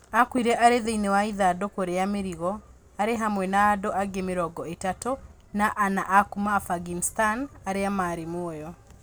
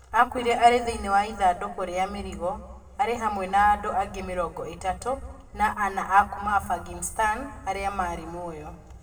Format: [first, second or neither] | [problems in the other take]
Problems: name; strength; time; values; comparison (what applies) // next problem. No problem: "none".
first | room echo; dies away in 1.1 s